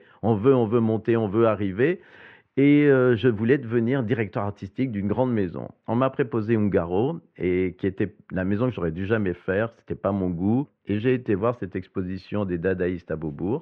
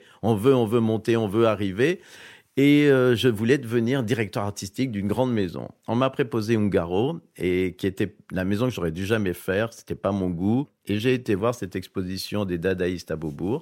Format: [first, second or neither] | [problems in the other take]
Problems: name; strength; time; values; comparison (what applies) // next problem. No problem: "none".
second | muffled; very; fading above 2 kHz